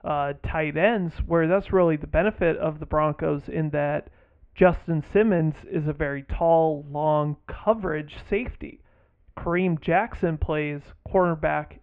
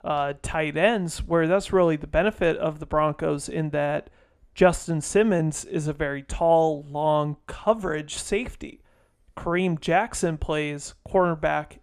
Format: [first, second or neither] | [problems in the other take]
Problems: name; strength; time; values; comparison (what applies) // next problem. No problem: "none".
second | muffled; very; fading above 2.5 kHz